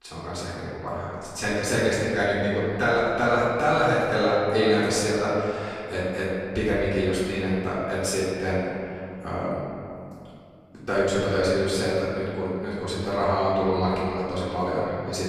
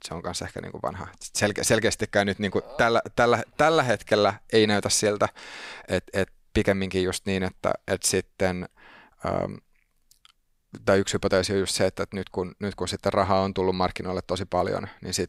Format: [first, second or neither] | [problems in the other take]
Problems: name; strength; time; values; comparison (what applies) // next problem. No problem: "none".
second | off-mic speech; far // room echo; strong; dies away in 2.5 s